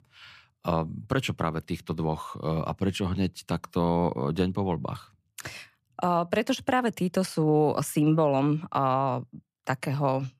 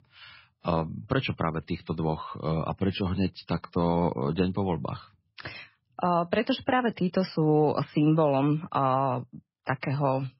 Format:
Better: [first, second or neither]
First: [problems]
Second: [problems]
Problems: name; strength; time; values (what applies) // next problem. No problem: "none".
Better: first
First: none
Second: garbled, watery; badly; nothing above 5.5 kHz